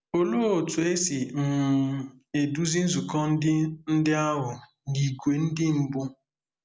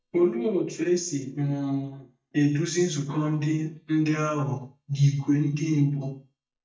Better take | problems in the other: first | noise reduction (neural mask model DeepFilterNet 3)

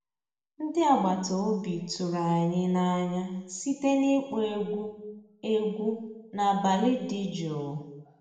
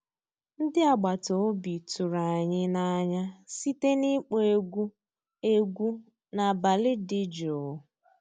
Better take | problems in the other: second | room echo; dies away in 0.9 s

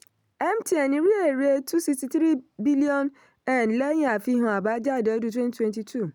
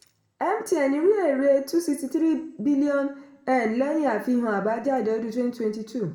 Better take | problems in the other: first | room echo; dies away in 0.5 s

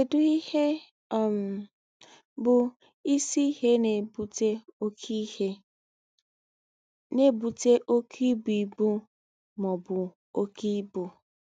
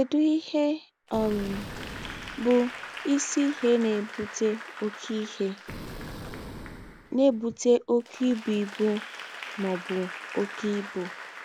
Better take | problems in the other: first | background sound (Boom + Applause / Crowd); 13 dB below the speech

